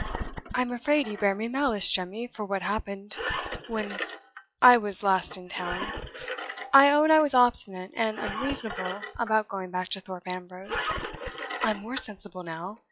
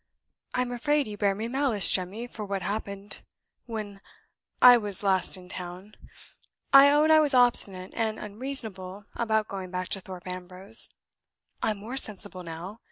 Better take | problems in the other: second | noise reduction (classical method log-MMSE)

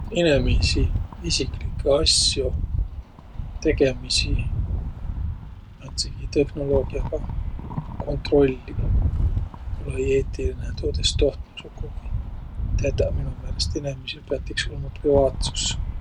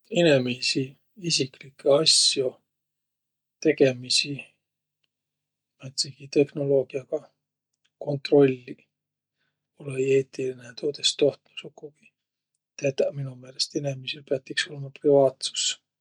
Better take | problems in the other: second | background sound (Rattle); 1 dB below the speech

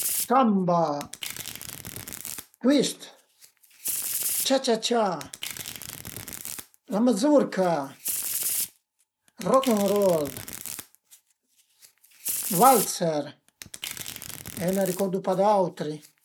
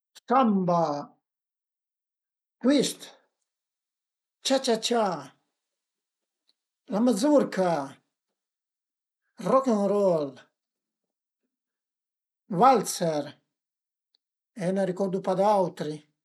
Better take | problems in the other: second | background sound (Domestic sounds, home sounds); 9 dB below the speech

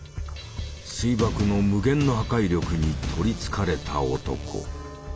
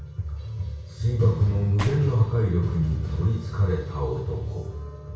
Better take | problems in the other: first | background sound (Gunshot, gunfire); 18 dB below the speech // room echo; dies away in 0.6 s

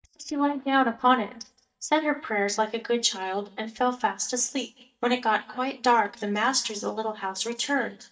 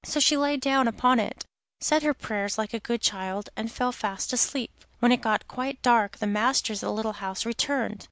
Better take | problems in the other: second | noise reduction (neural mask model DeepFilterNet 3)

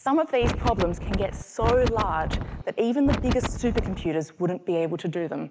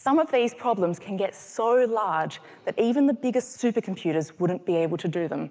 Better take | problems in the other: second | background sound (Wind); 2 dB below the speech

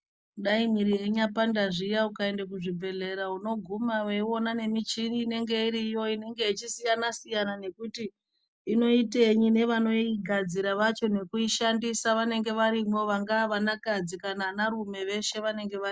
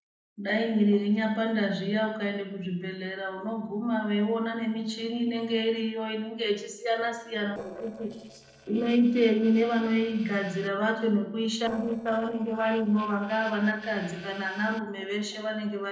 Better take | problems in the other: first | noise reduction (neural separator model SepFormer DNS4)

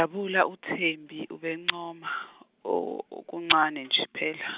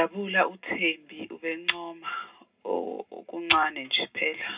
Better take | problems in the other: first | room echo; dies away in 0.2 s

